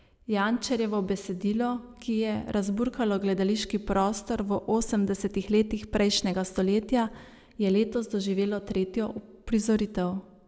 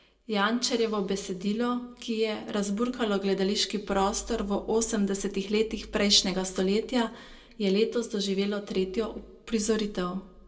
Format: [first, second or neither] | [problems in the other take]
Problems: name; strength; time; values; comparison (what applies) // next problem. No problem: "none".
first | room echo; dies away in 0.1 s